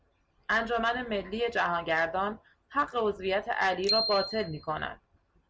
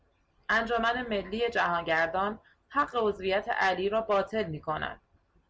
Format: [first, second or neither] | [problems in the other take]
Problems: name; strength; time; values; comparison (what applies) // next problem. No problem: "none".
second | background sound (Bicycle bell); 4 dB below the speech